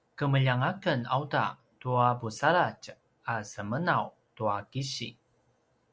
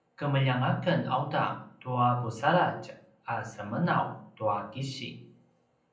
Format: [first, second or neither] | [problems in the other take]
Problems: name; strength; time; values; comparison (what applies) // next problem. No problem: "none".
first | room echo; dies away in 0.6 s